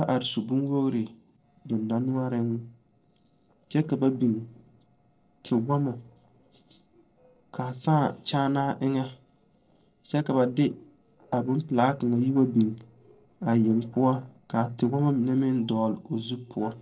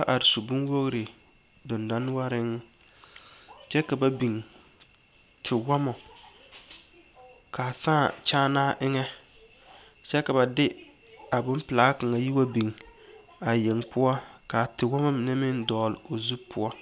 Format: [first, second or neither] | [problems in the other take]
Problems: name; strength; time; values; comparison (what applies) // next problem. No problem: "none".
second | noise reduction (neural separator model SepFormer DNS4)